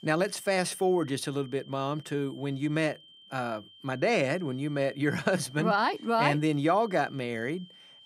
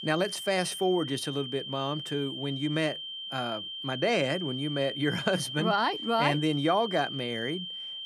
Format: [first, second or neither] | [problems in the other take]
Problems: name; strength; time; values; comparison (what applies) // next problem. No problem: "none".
first | high-pitched whine; loud; throughout; 3 kHz, 6 dB below the speech; faint in the first